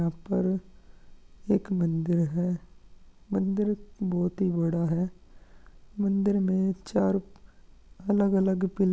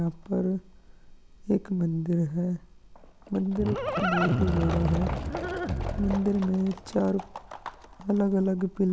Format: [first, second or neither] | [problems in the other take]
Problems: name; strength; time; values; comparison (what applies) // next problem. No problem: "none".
first | background sound (Livestock, farm animals, working animals); 5 dB below the speech